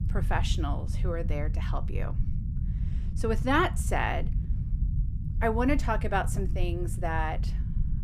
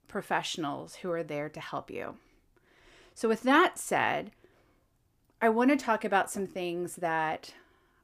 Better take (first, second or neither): second